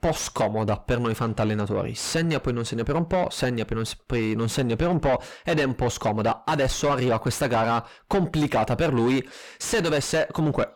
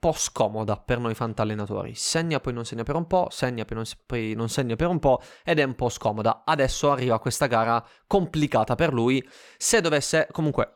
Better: second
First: distortion; heavy; 7 dB below the speech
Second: none

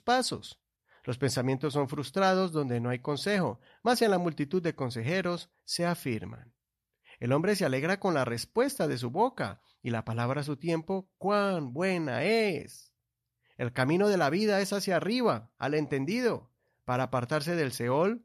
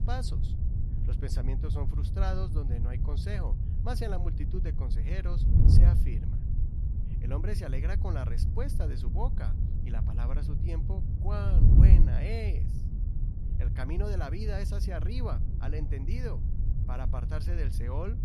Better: first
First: none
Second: wind noise on the microphone; heavy; 3 dB below the speech

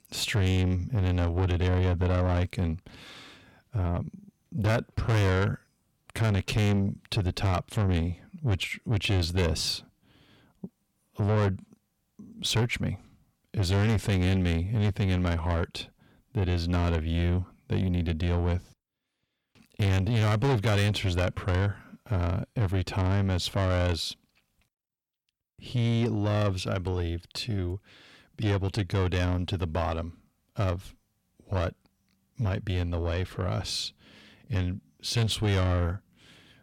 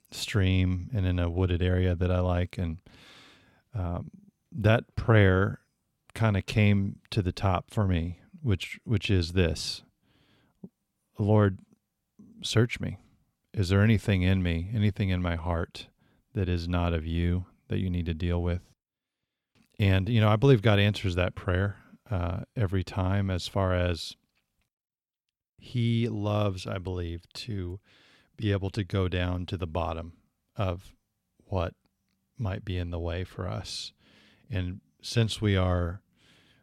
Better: second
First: distortion; heavy; 8 dB below the speech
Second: none

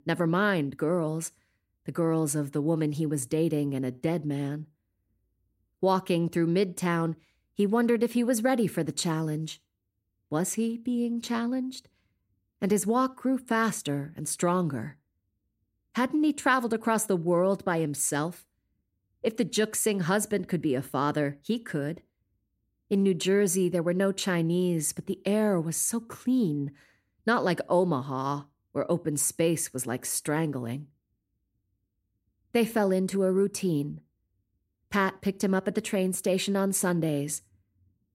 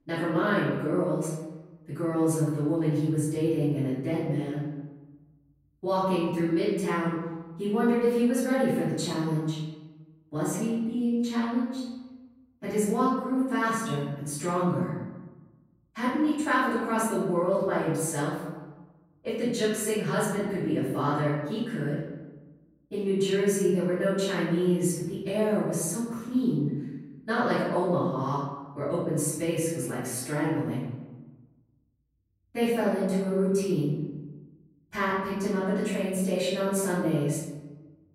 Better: first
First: none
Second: off-mic speech; far // room echo; noticeable; dies away in 1.1 s

